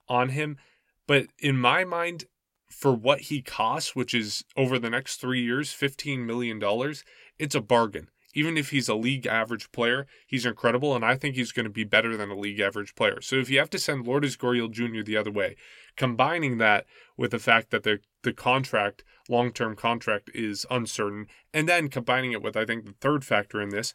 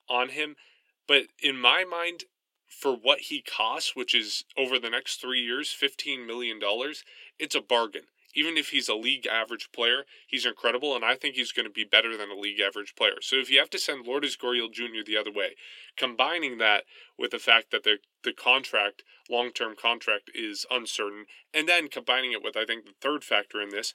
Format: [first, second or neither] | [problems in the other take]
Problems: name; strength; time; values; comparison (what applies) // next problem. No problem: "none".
first | thin; somewhat; fading below 350 Hz